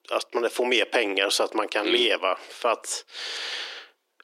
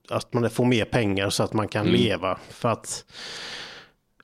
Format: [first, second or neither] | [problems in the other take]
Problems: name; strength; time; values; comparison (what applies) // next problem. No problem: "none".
second | thin; very; fading below 350 Hz